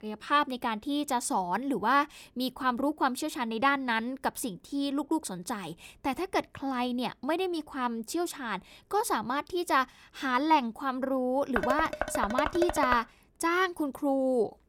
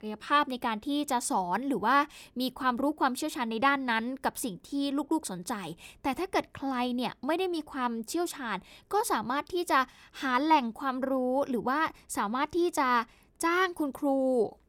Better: second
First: clattering dishes; noticeable; from 12 to 13 s; peak 1 dB below the speech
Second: none

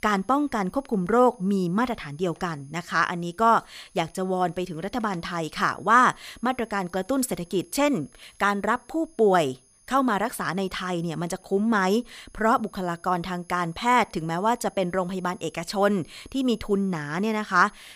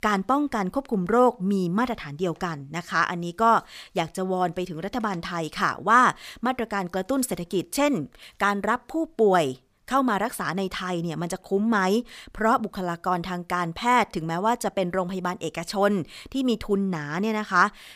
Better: second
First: high-pitched whine; faint; throughout; 10.5 kHz, 30 dB below the speech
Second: none

